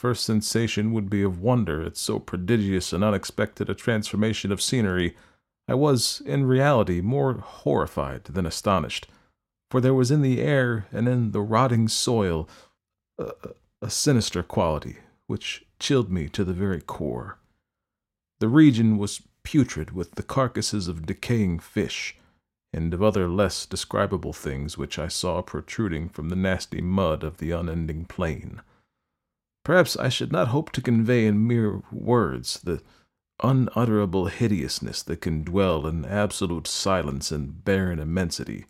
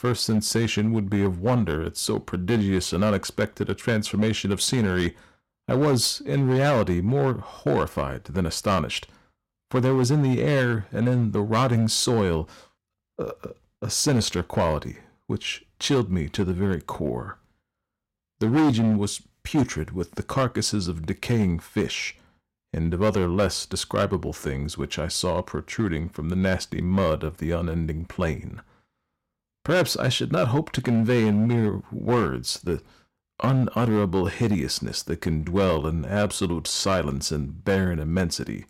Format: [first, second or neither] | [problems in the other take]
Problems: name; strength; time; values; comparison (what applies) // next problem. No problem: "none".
first | distortion; slight; 6% of the sound clipped